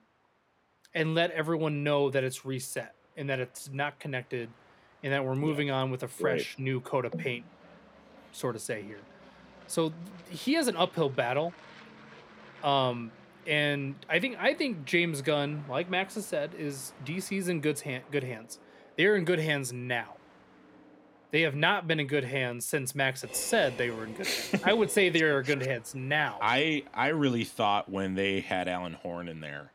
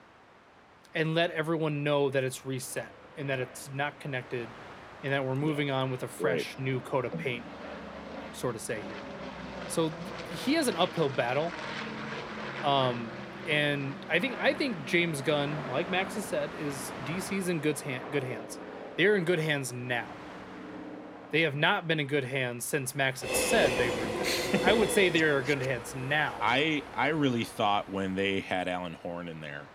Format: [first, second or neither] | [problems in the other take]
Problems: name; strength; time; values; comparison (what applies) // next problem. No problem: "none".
first | train or aircraft noise; loud; throughout; 9 dB below the speech; faint in the first